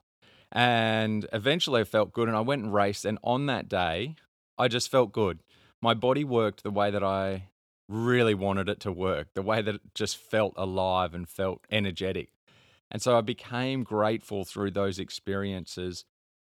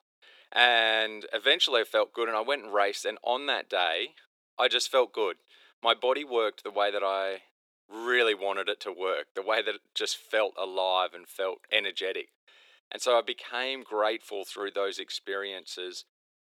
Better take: first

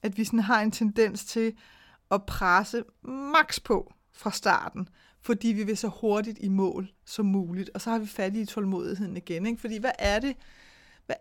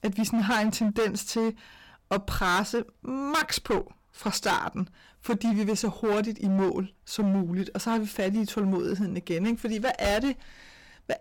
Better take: first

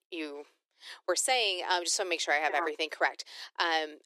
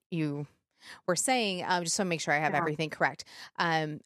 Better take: second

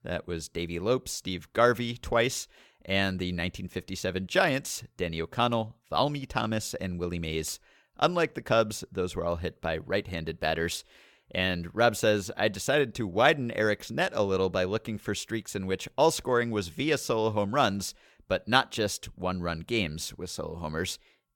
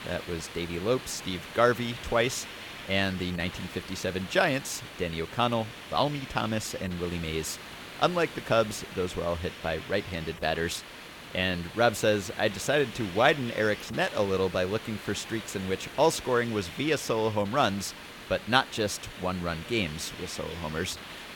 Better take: first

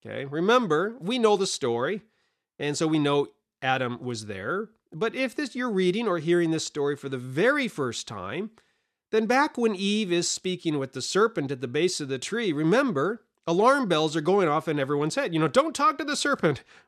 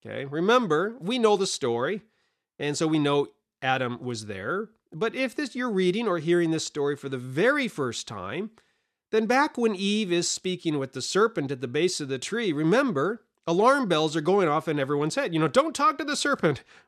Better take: neither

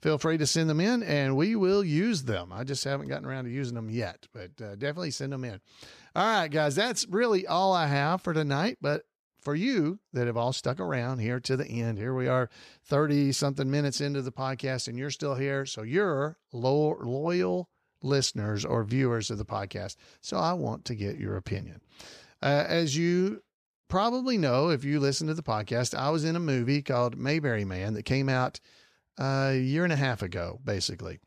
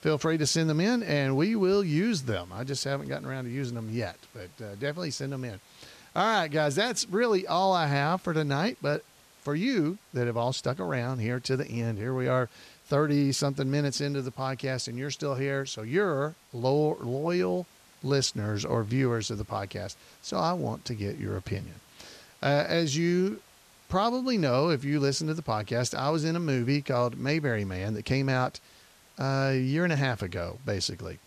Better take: first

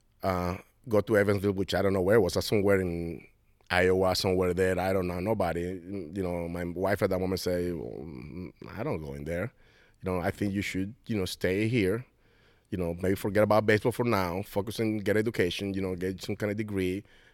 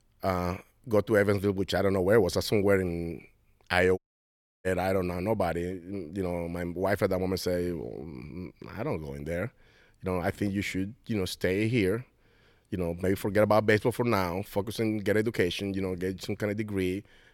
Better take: first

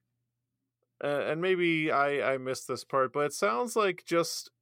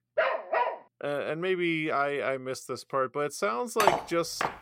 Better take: first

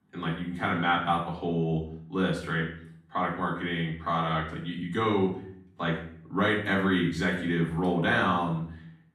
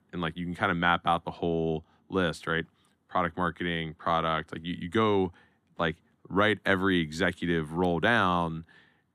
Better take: second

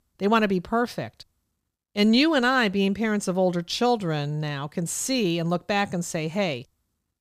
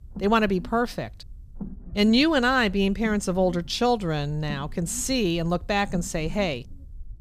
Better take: first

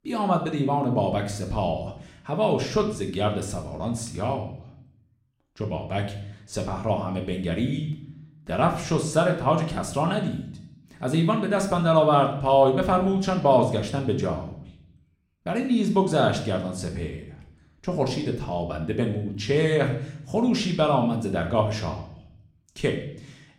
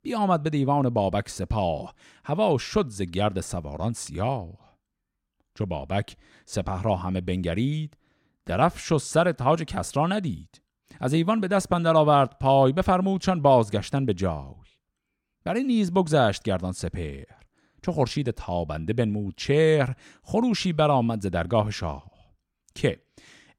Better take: second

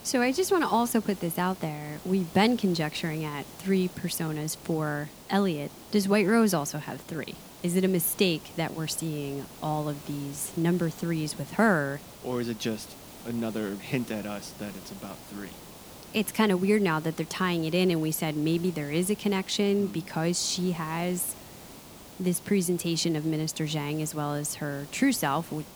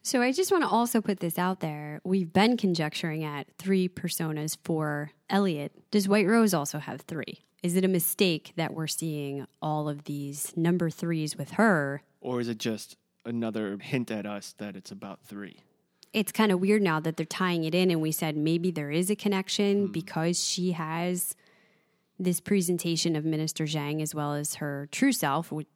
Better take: second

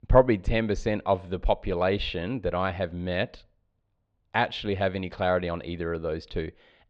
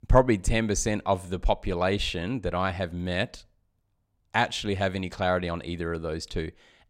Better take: second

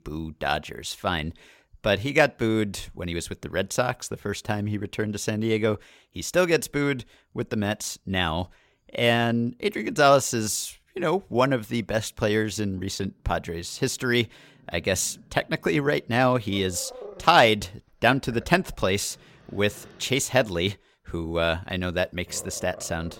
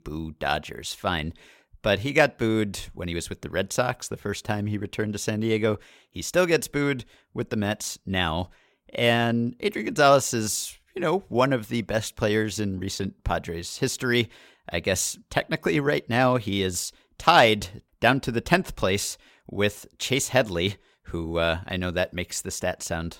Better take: second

